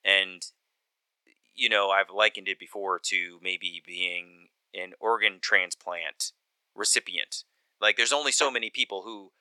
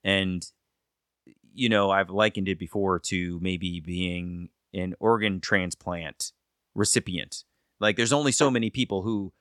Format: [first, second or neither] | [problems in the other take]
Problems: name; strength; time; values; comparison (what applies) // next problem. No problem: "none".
second | thin; very; fading below 500 Hz